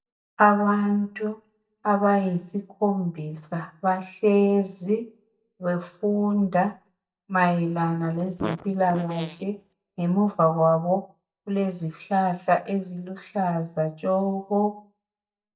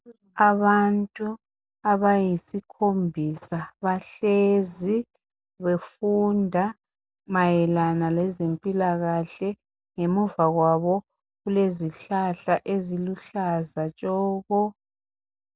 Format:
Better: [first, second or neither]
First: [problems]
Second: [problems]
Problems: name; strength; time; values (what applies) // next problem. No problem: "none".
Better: second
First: noise reduction (neural mask model DeepFilterNet 3)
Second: none